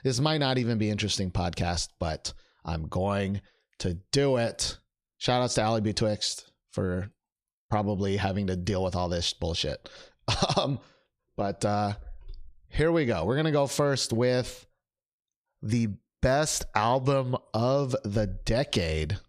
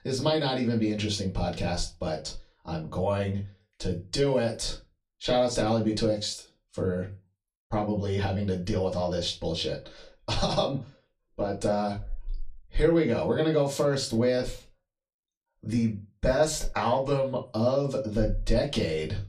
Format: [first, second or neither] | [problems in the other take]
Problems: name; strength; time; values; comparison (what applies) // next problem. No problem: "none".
first | off-mic speech; far // room echo; very slight; dies away in 0.2 s